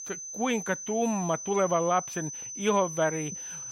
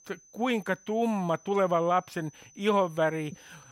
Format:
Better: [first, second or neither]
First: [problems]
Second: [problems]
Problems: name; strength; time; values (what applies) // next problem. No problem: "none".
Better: second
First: high-pitched whine; loud; throughout; 6 kHz, 8 dB below the speech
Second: high-pitched whine; faint; throughout; 6 kHz, 25 dB below the speech